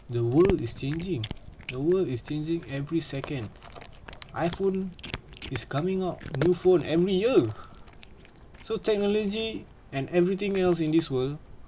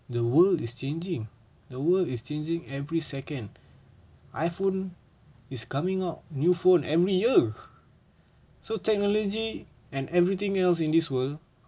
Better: second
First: background sound (Cat); 14 dB below the speech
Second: none

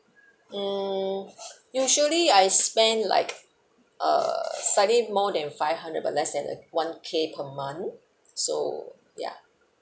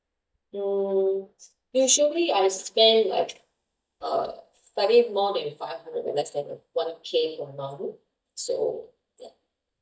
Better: first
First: none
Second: noise reduction (neural mask model DeepFilterNet 3)

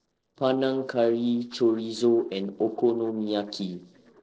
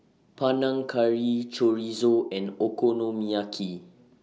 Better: second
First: noise reduction (neural separator model SepFormer DNS4)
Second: none

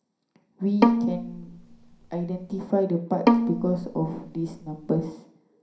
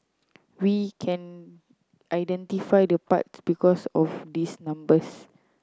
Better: second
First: background sound (Bowed string instrument); 2 dB above the speech // room echo; dies away in 0.5 s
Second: none

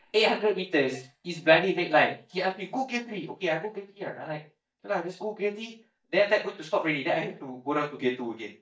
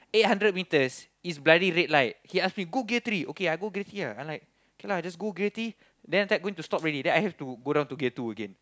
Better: second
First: noise reduction (neural mask model DeepFilterNet 3)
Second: none

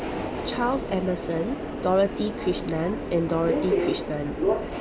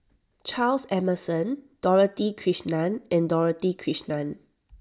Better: second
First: background sound (Subway, metro, underground); 2 dB below the speech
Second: none

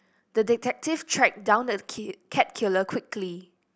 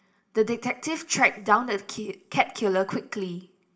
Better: first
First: none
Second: room echo; dies away in 0.5 s

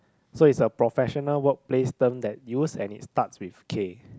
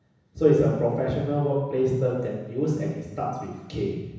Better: first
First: none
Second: room echo; dies away in 1.1 s

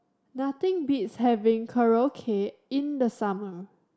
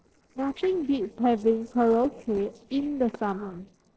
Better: first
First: none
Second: noise reduction (neural separator model SepFormer DNS4)

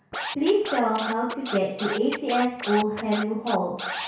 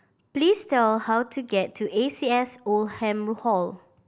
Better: second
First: background sound (Scratching (performance technique)); 9 dB below the speech // room echo; dies away in 0.6 s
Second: none

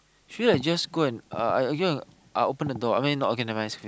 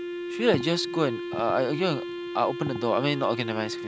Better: first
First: none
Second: background sound (Wind instrument, woodwind instrument); 7 dB below the speech

